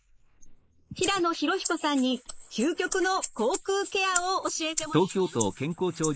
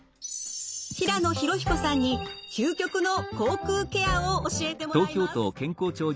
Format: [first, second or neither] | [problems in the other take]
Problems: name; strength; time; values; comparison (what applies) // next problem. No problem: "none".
second | noise reduction (neural mask model Resemble Enhance denoiser)